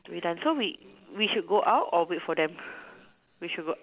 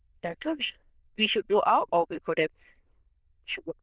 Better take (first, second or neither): first